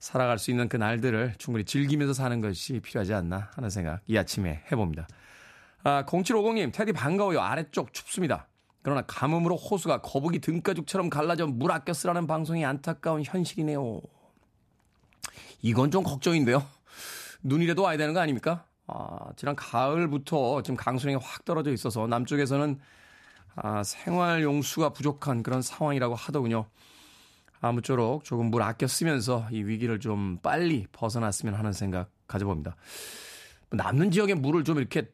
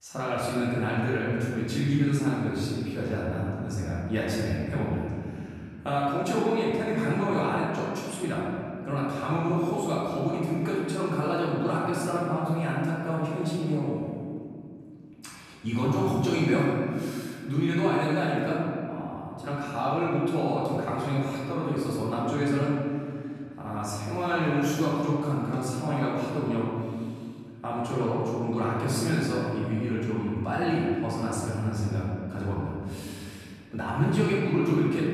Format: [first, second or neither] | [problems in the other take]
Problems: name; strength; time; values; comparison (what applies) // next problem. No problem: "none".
first | room echo; strong; dies away in 2.3 s // off-mic speech; far